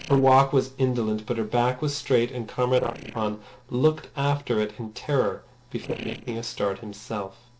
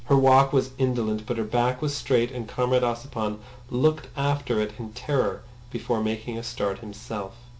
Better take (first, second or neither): second